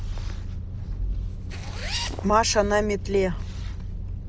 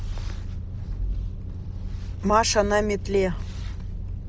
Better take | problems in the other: second | background sound (Zipper (clothing)); 11 dB below the speech

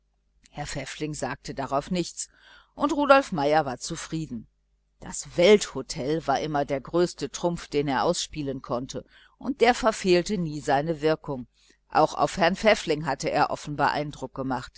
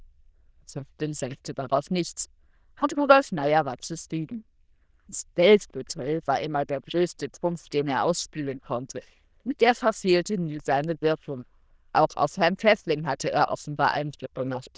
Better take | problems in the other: first | noise reduction (neural diffusion model UNIVERSE++)

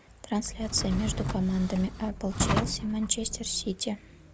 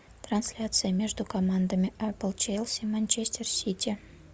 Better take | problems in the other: second | background sound (Drawer open or close); 3 dB below the speech

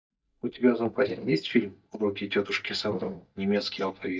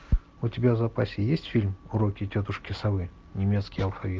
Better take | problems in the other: second | noise reduction (neural mask model DeepFilterNet 3)

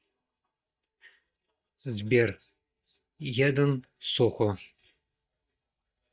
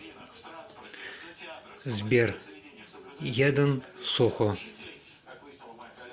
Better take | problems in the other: second | noise reduction (neural mask model DeepFilterNet 3)

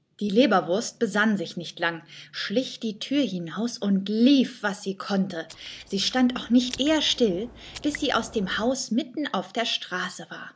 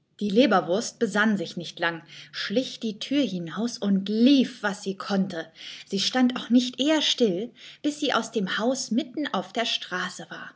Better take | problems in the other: second | background sound (Raindrop); 18 dB below the speech

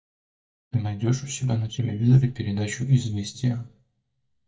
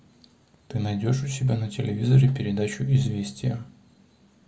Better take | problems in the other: second | noise reduction (neural mask model DeepFilterNet 3)

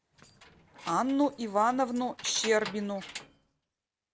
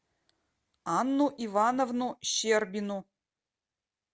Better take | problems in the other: second | background sound (Keys jangling); 15 dB below the speech

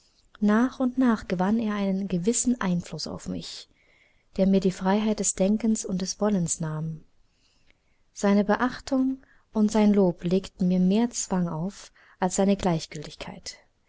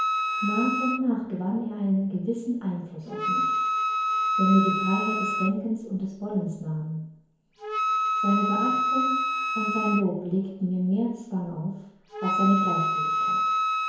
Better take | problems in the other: first | background sound (Wind instrument, woodwind instrument); as loud as the speech // room echo; dies away in 1 s

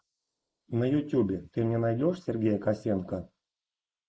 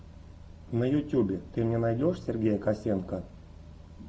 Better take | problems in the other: second | noise reduction (neural mask model Resemble Enhance denoiser)

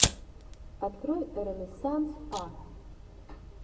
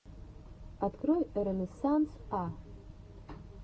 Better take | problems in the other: second | background sound (Fire); as loud as the speech // room echo; dies away in 1 s

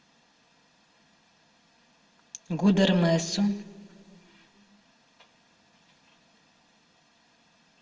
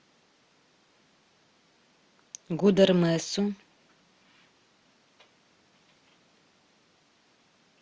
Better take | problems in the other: second | room echo; dies away in 1.3 s

